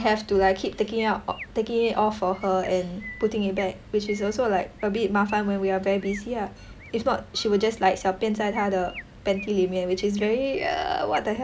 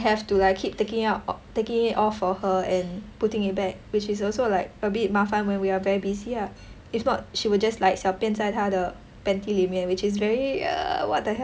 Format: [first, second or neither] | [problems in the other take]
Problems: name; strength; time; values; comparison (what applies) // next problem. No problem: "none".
second | background sound (Chirp, tweet); 20 dB below the speech